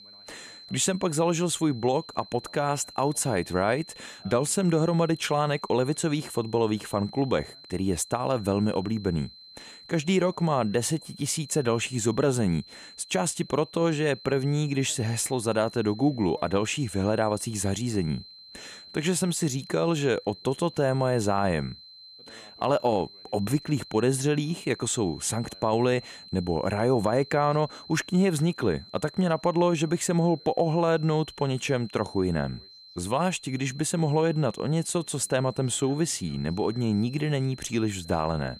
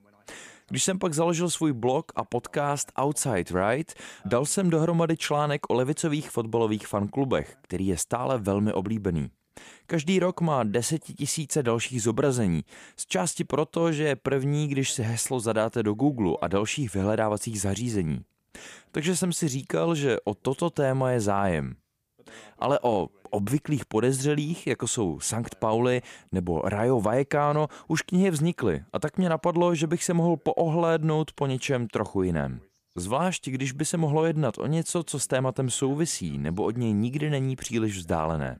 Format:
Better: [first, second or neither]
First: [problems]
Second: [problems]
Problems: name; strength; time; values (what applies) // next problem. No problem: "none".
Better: second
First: high-pitched whine; noticeable; throughout; 4 kHz, 20 dB below the speech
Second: none